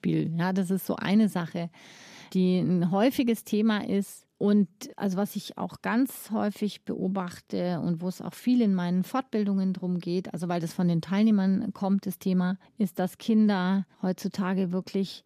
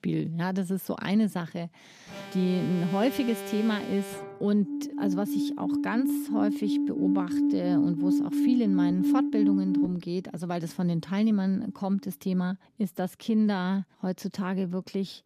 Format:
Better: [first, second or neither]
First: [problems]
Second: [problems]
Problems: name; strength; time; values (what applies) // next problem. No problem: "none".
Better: first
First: none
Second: alarms or sirens; very loud; throughout; 1 dB above the speech